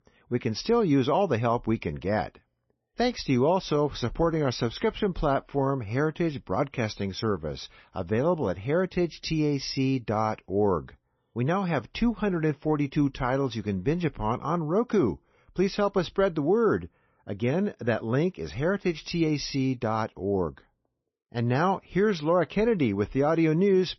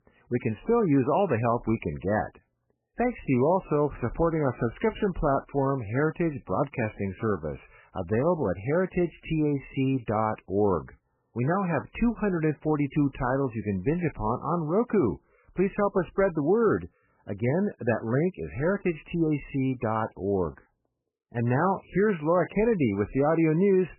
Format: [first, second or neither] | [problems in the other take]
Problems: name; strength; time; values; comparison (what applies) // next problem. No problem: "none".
first | garbled, watery; badly; nothing above 3 kHz; slightly in the first